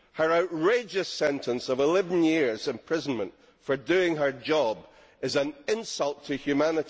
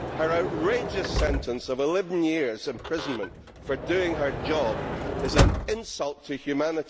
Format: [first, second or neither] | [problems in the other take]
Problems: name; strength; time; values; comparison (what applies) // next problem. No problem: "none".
first | background sound (Sliding door / Motor vehicle (road)); 2 dB below the speech